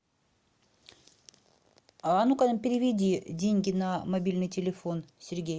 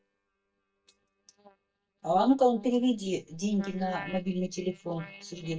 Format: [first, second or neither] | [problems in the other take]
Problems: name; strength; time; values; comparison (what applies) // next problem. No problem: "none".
first | noise reduction (neural mask model DeepFilterNet 3)